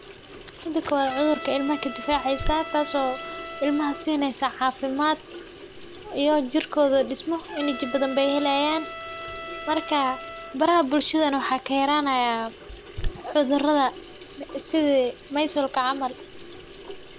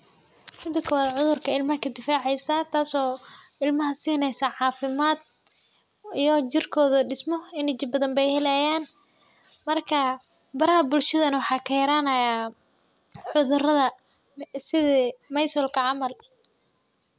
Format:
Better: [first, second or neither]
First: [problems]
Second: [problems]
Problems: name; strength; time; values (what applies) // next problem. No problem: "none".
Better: second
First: background sound (Sink (filling or washing) / Water tap, faucet + Trumpet); 12 dB below the speech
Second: none